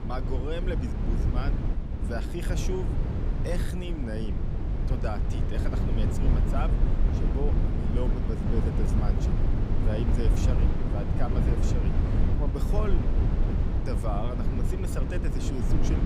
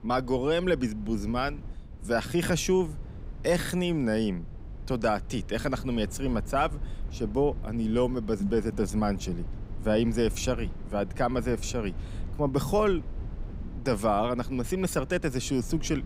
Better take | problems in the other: second | low rumble; loud; throughout; 1 dB below the speech; faint in the second

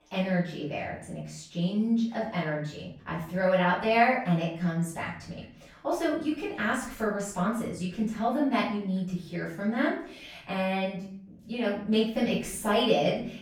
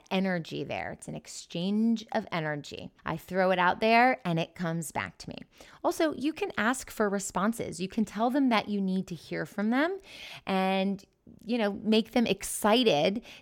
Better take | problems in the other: second | off-mic speech; far // room echo; noticeable; dies away in 0.5 s

